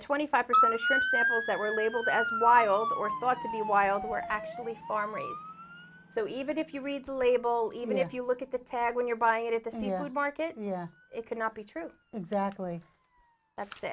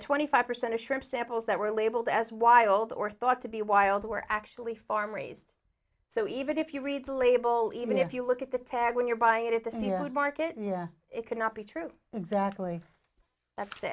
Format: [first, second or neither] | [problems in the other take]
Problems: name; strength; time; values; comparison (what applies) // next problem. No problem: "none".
second | background sound (Motor vehicle (road) / Siren); 4 dB below the speech